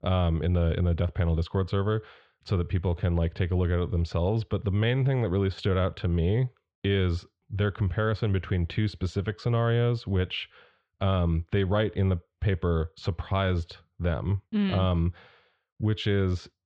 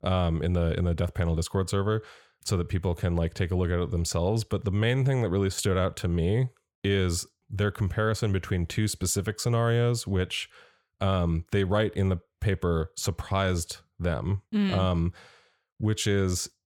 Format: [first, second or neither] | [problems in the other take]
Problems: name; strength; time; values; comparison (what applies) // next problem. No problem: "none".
second | muffled; slightly; fading above 3.5 kHz